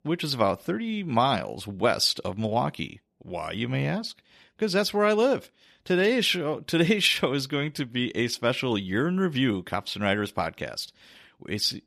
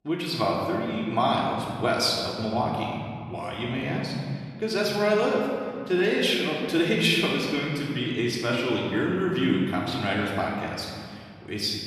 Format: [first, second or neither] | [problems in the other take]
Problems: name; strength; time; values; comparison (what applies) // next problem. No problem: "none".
first | room echo; noticeable; dies away in 2.1 s // off-mic speech; far